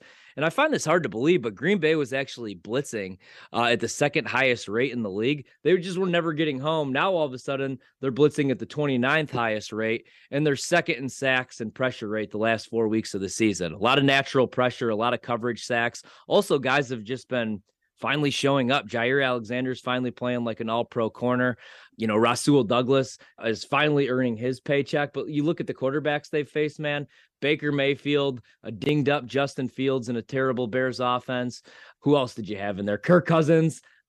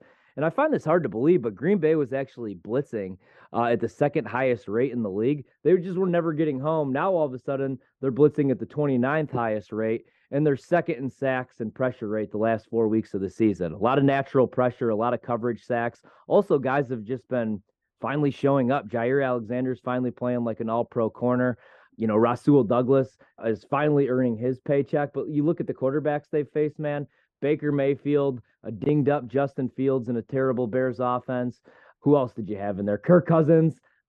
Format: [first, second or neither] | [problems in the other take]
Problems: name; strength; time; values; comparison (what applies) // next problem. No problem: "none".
first | muffled; very; fading above 2 kHz